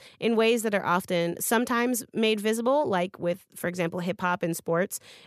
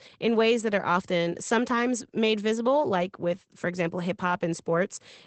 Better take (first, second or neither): first